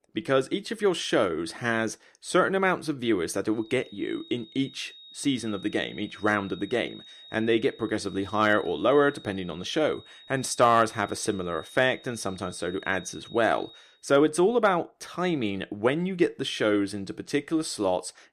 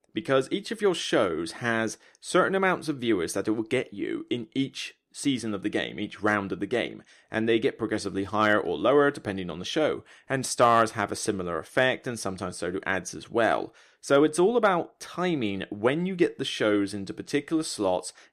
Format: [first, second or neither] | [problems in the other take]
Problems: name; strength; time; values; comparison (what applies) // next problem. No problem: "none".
second | high-pitched whine; faint; from 3.5 to 14 s; 4 kHz, 20 dB below the speech